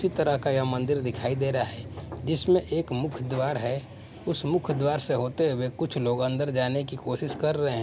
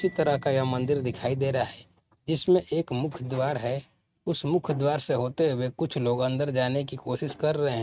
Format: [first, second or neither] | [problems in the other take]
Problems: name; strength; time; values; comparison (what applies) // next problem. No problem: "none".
first | noise reduction (neural mask model RNNoise)